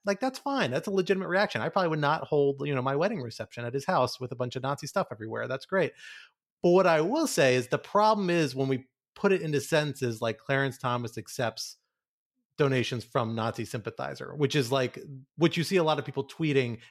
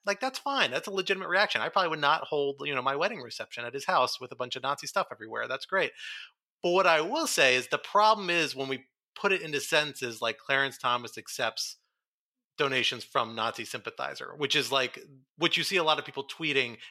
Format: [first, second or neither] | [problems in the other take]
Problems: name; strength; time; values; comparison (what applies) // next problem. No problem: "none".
first | thin; somewhat; fading below 750 Hz